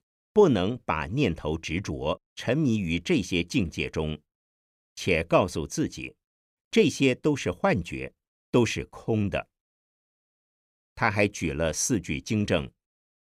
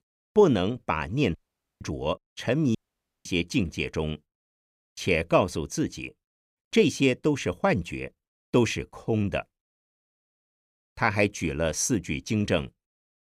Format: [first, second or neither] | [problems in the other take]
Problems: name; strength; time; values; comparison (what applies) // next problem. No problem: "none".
first | audio cutting out; at 1.5 s and at 3 s for 0.5 s